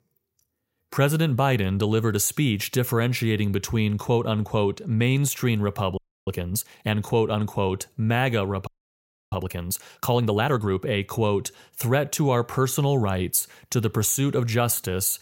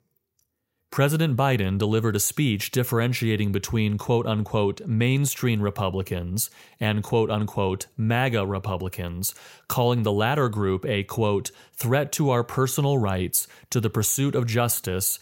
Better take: second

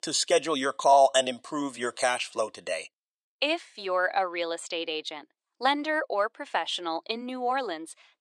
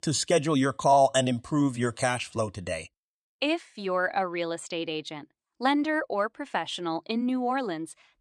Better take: second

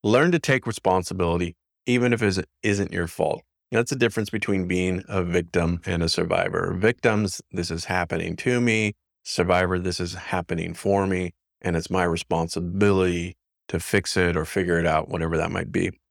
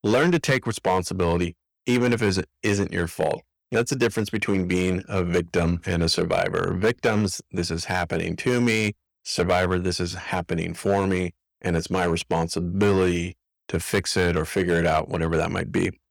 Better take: first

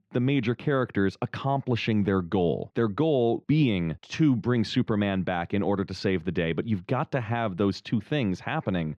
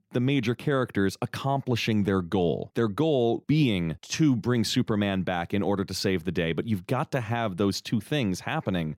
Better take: second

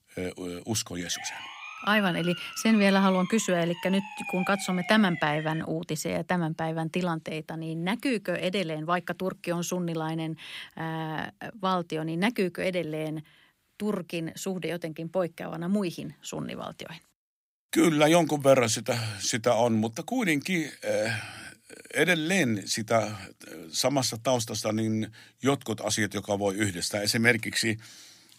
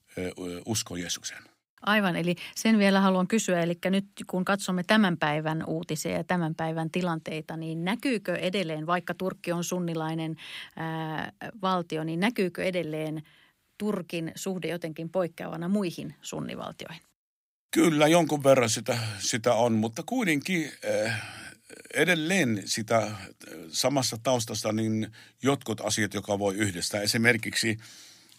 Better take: second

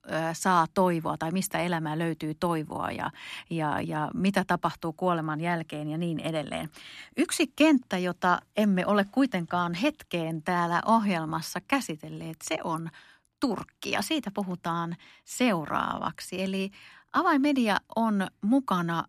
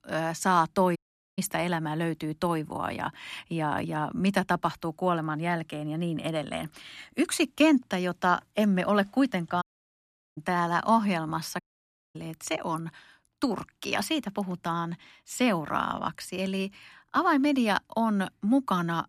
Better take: first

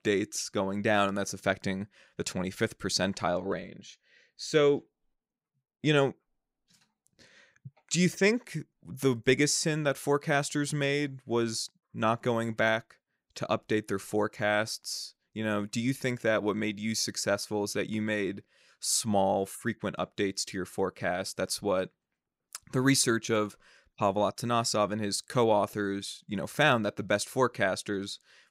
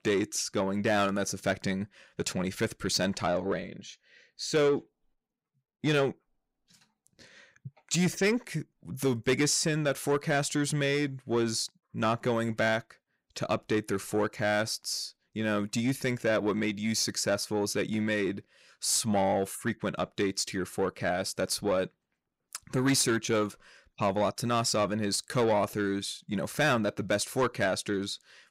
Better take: first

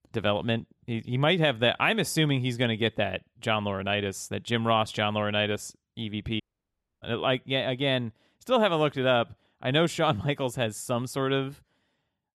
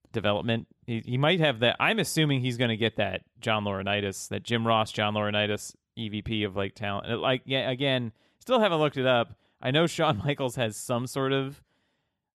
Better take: second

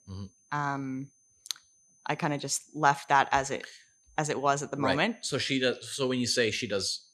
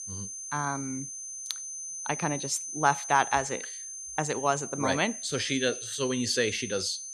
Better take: first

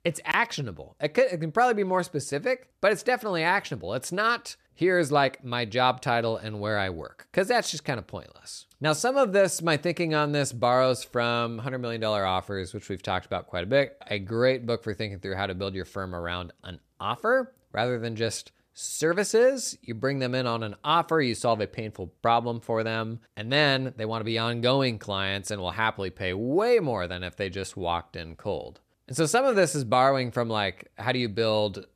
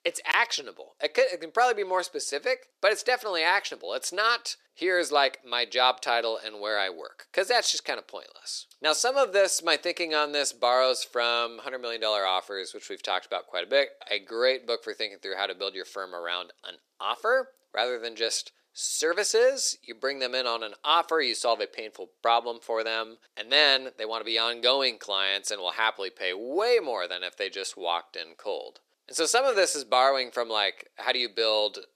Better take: first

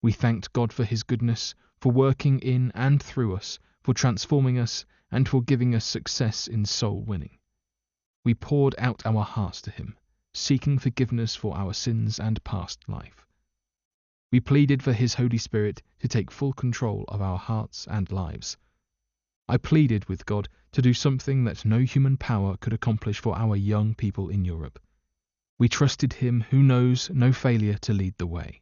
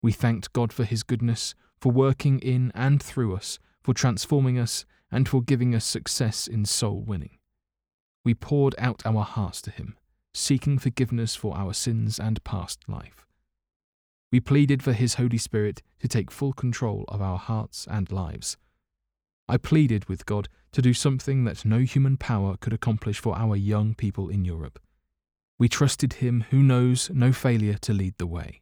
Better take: second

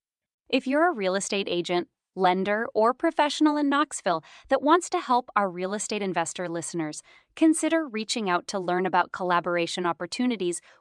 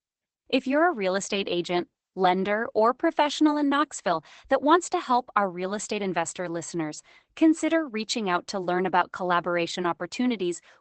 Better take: first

